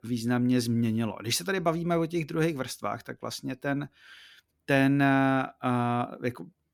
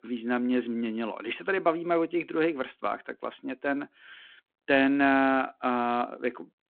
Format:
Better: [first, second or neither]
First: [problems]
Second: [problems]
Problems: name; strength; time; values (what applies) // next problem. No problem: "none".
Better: first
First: none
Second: phone-call audio; nothing above 3.5 kHz